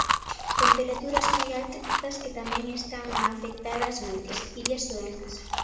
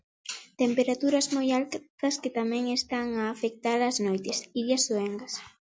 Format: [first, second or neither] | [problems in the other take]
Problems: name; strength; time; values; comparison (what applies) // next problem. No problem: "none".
second | background sound (Chewing, mastication); 4 dB above the speech // room echo; dies away in 1.2 s